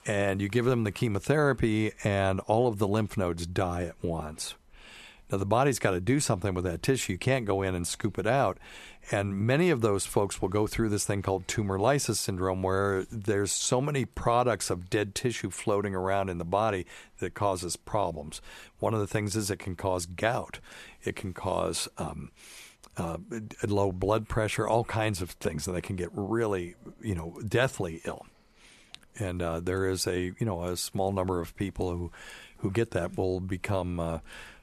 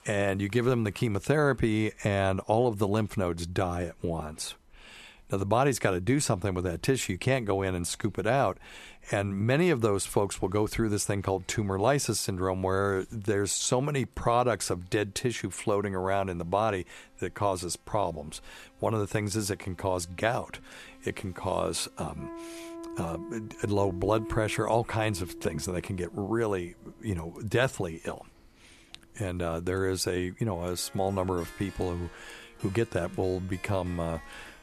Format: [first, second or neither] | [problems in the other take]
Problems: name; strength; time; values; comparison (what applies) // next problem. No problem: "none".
first | background music; noticeable; throughout; 15 dB below the speech